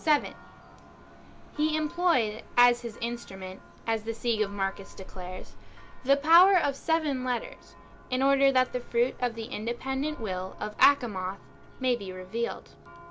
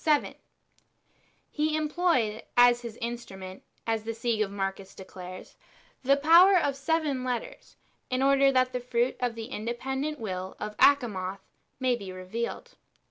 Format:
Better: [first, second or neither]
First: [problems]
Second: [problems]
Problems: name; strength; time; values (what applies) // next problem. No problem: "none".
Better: second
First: background sound (Church bell); 14 dB below the speech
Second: none